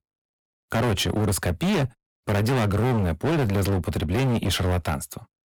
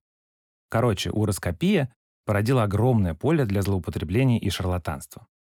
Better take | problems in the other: second | distortion; heavy; 28% of the sound clipped

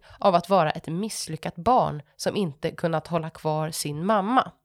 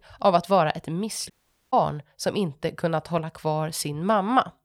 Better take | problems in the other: first | audio cutting out; at 1.5 s

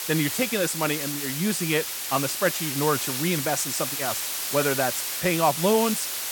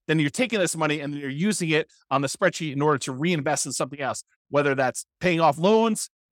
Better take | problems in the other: second | hiss; loud; throughout; 2 dB below the speech

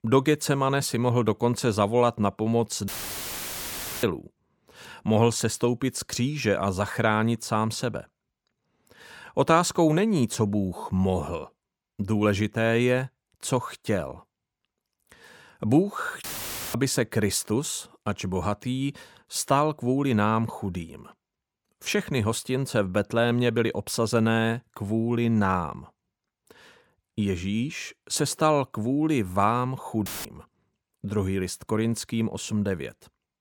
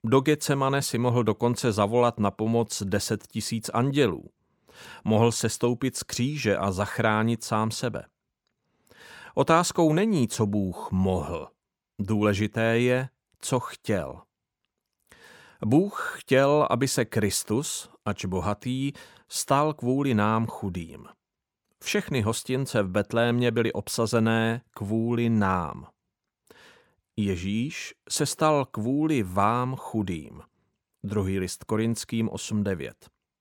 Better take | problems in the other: second | audio cutting out; filled with static; at 3 s for 1 s, at 16 s for 0.5 s and at 30 s

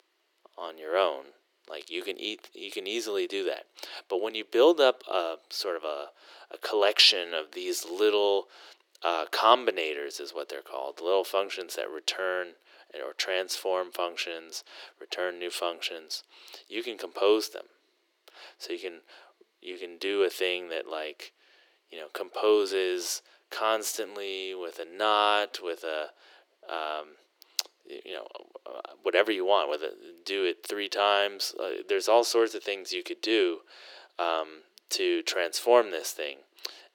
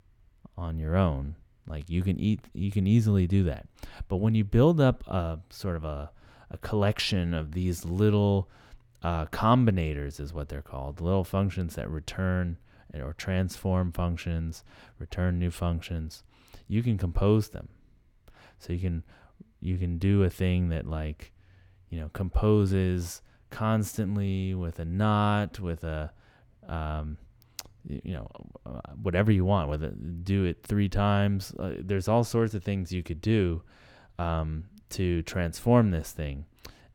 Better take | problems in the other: second | thin; very; fading below 350 Hz

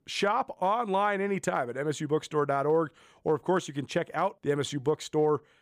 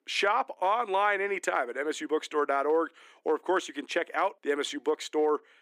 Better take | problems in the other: first | thin; somewhat; fading below 250 Hz

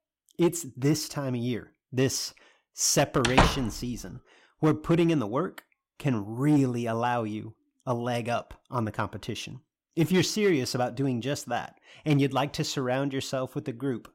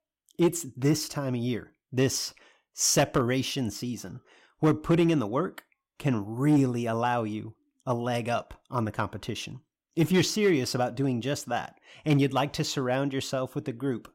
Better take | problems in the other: second | door banging; loud; at 3 s; peak 5 dB above the speech

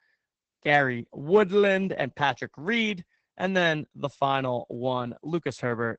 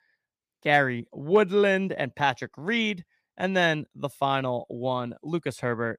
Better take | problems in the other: second | garbled, watery; badly; nothing above 8 kHz

